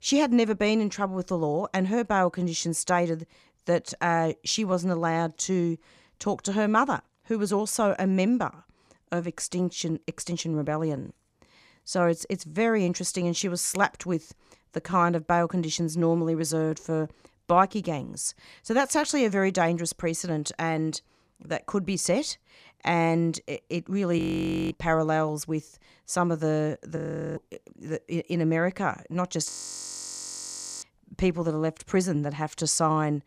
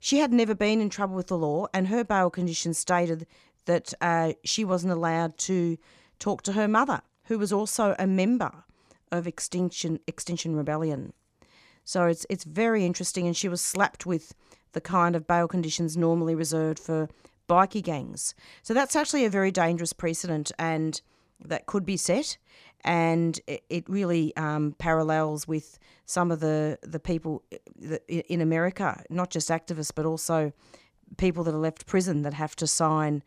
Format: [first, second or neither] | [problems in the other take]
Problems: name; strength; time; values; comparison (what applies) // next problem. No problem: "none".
second | audio freezing; at 24 s for 0.5 s, at 27 s and at 29 s for 1.5 s